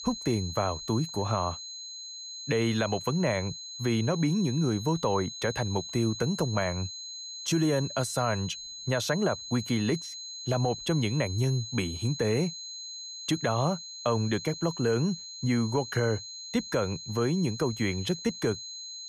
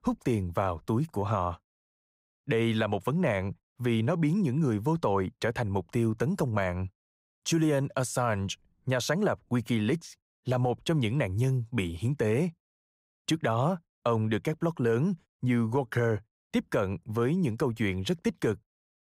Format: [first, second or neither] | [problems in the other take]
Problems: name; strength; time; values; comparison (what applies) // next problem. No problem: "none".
second | high-pitched whine; loud; throughout; 4 kHz, 9 dB below the speech